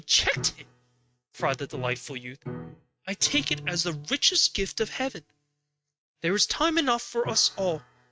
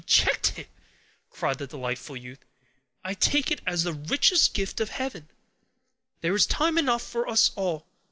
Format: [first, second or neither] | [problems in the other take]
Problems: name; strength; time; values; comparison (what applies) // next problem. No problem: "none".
second | noise reduction (neural mask model RNNoise)